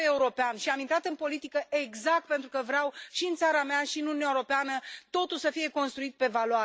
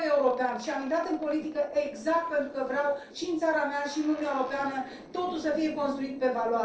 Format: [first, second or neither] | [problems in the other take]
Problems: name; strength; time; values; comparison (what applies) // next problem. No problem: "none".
first | noise reduction (neural separator model SepFormer DNS4)